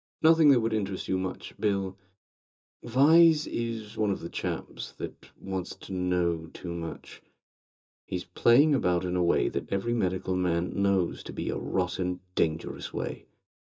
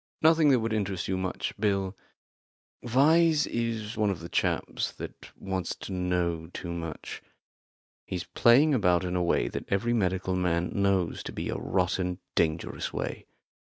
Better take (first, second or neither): second